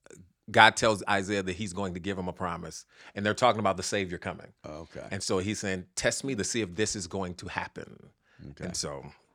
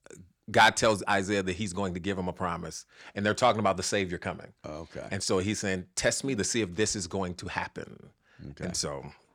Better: first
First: none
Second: distortion; slight; 10 dB below the speech

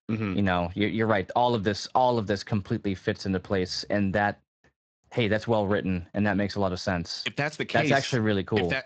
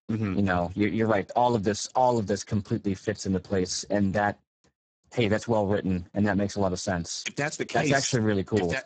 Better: first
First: garbled, watery; slightly; nothing above 7.5 kHz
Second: garbled, watery; badly; nothing above 7.5 kHz

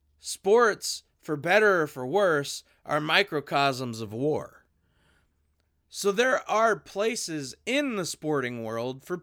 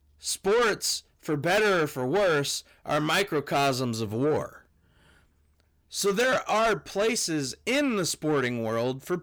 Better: first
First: none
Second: distortion; heavy; 7 dB below the speech

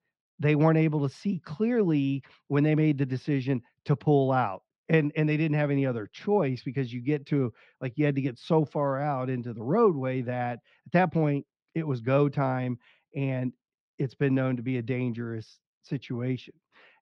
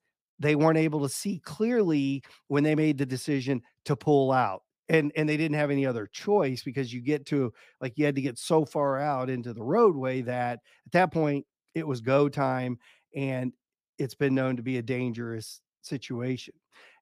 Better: second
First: muffled; slightly; fading above 4 kHz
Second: none

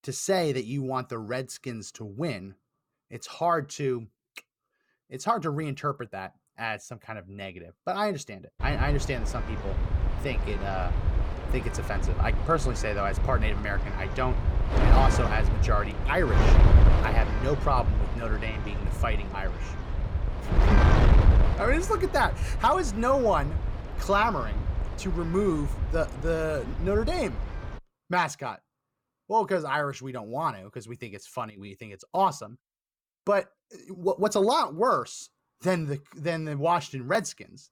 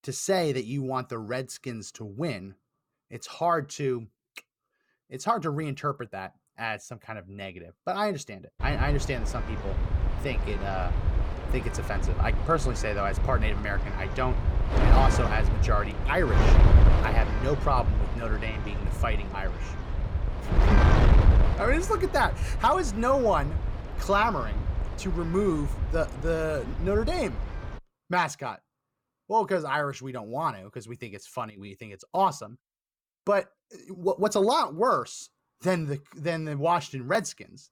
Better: neither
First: wind noise on the microphone; heavy; from 8.5 to 28 s; 7 dB below the speech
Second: wind noise on the microphone; heavy; from 8.5 to 28 s; 7 dB below the speech

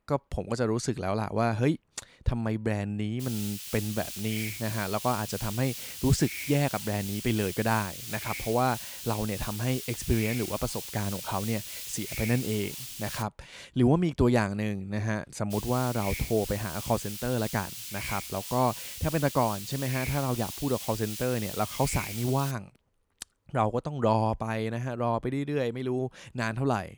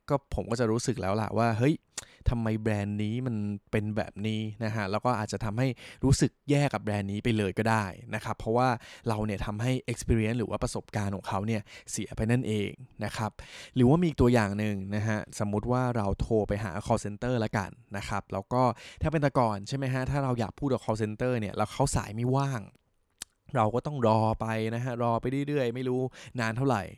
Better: second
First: hiss; loud; from 3 to 13 s and from 16 to 23 s; 7 dB below the speech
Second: none

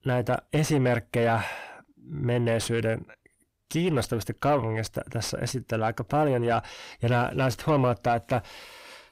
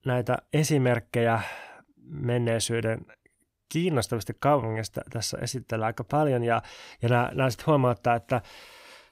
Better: second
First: distortion; slight; 10 dB below the speech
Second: none

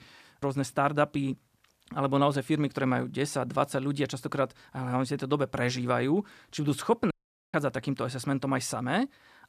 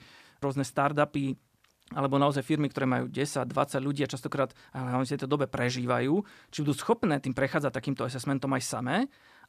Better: second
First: audio cutting out; at 7 s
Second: none

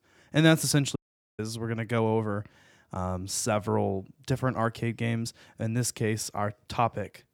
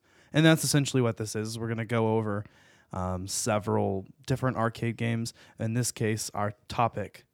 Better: second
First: audio cutting out; at 1 s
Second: none

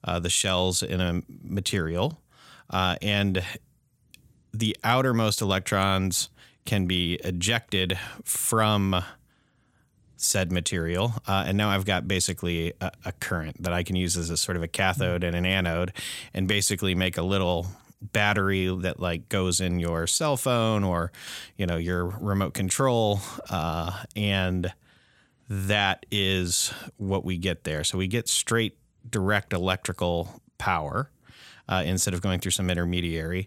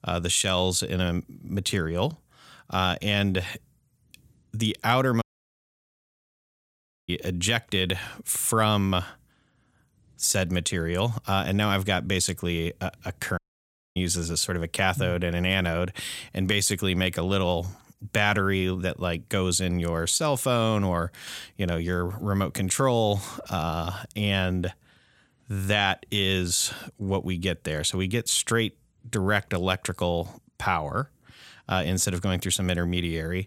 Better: first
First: none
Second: audio cutting out; at 5 s for 2 s and at 13 s for 0.5 s

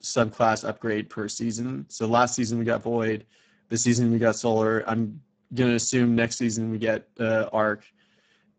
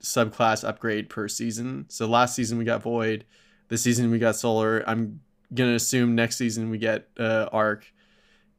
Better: second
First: garbled, watery; badly; nothing above 7.5 kHz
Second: none

